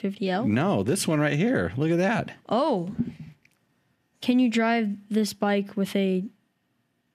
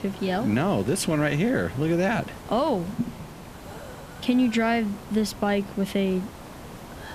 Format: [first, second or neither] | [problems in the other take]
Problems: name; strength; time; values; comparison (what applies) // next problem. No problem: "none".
first | hiss; noticeable; throughout; 15 dB below the speech